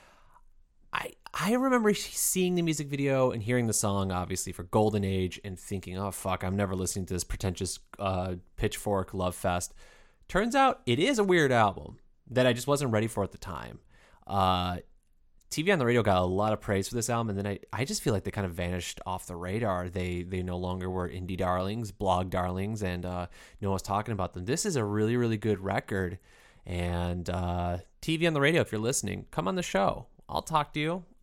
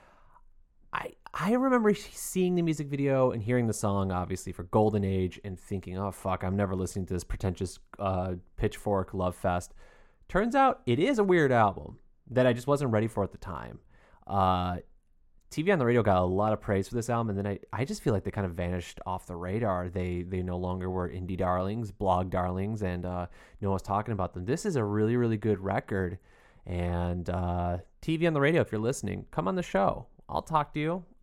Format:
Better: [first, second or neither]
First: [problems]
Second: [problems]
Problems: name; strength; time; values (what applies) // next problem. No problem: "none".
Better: first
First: none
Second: muffled; slightly; fading above 2.5 kHz